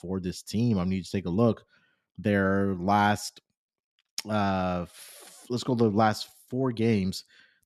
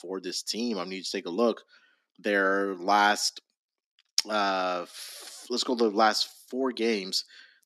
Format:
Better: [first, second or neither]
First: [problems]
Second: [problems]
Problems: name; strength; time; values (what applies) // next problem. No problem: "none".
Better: first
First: none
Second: thin; somewhat; fading below 250 Hz